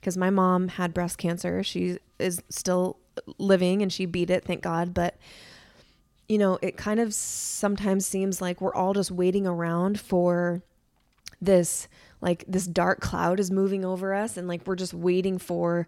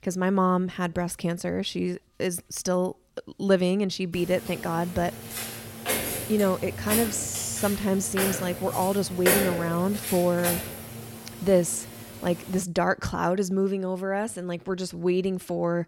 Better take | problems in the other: first | footsteps; loud; from 5.5 to 11 s; peak 4 dB above the speech

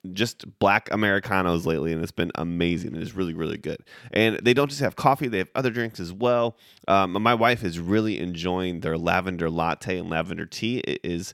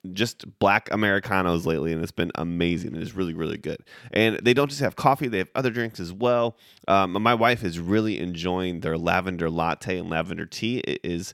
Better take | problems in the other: neither | none

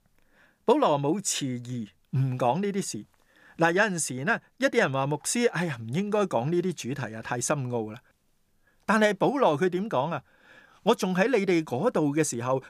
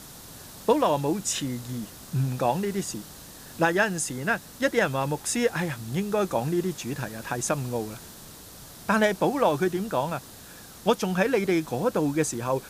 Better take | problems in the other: first | hiss; noticeable; throughout; 15 dB below the speech

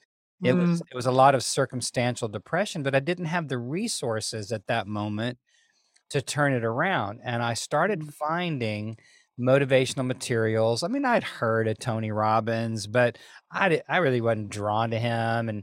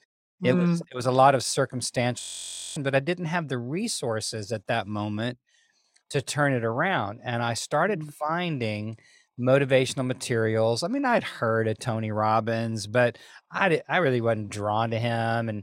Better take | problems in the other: first | audio freezing; at 2 s for 0.5 s

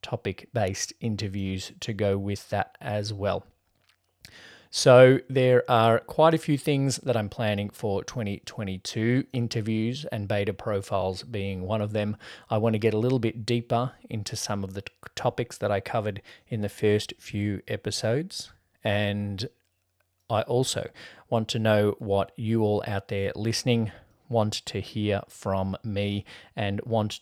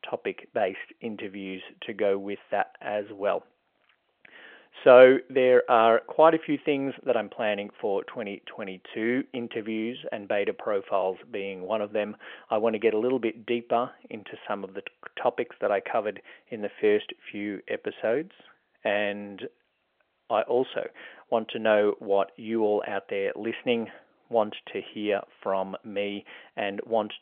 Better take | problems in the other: first | phone-call audio; nothing above 3.5 kHz

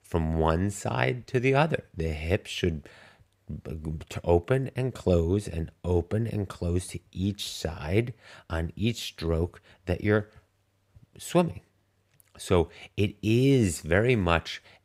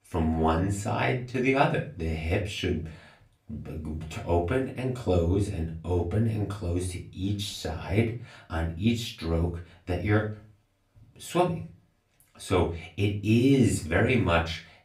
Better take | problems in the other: first | off-mic speech; far // room echo; very slight; dies away in 0.3 s

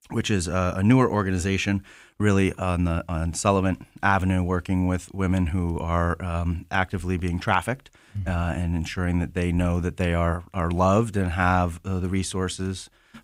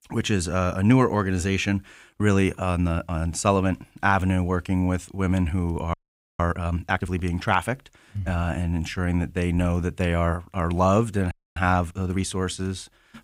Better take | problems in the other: first | audio freezing; at 6 s and at 11 s

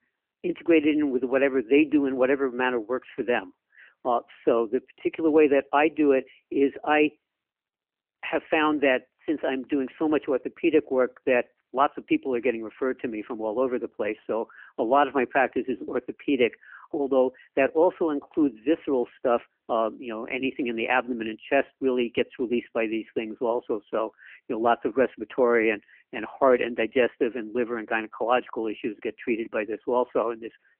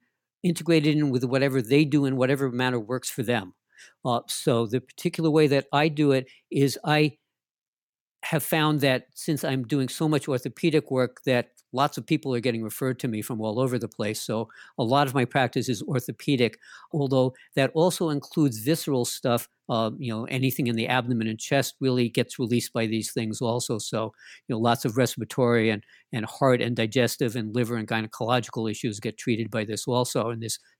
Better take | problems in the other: second | phone-call audio; nothing above 3 kHz

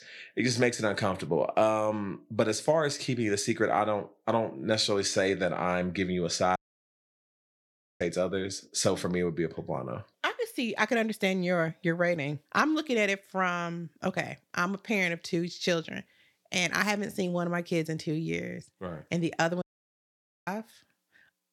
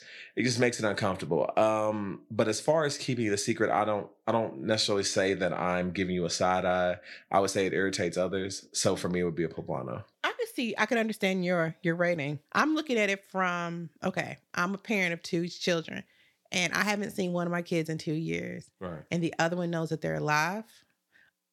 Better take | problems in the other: second | audio cutting out; at 6.5 s for 1.5 s and at 20 s for 1 s

